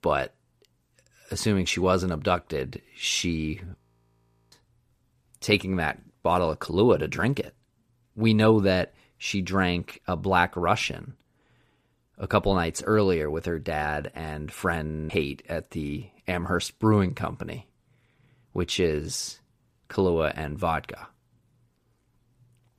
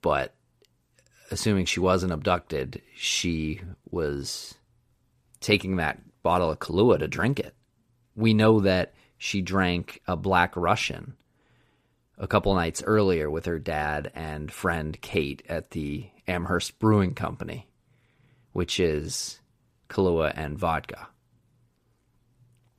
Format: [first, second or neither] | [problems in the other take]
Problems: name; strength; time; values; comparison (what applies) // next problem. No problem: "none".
second | audio freezing; at 4 s for 0.5 s and at 15 s